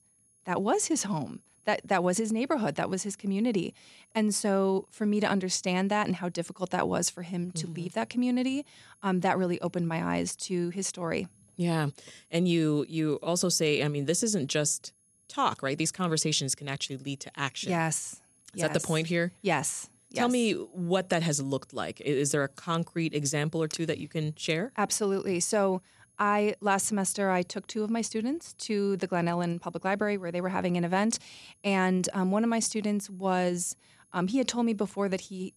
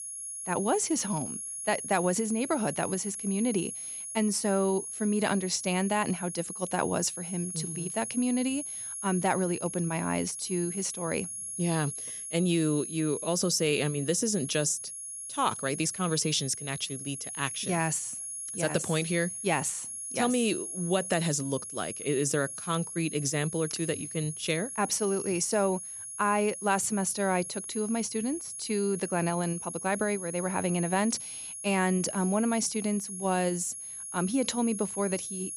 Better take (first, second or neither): first